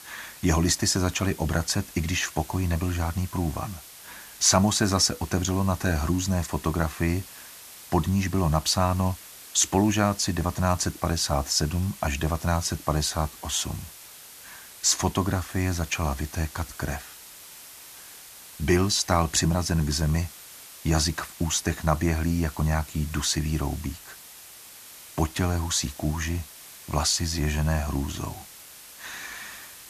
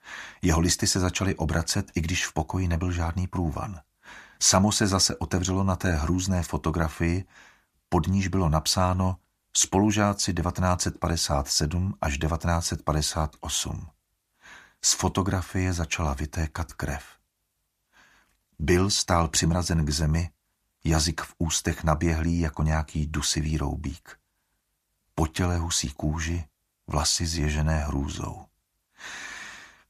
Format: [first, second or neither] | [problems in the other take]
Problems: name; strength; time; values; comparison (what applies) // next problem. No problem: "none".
second | hiss; noticeable; throughout; 15 dB below the speech